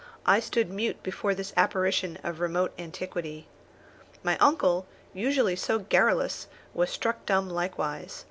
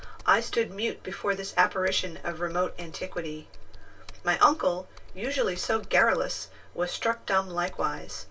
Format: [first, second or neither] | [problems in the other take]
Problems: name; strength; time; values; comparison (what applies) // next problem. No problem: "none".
first | background sound (Computer keyboard); 11 dB below the speech // room echo; dies away in 0.2 s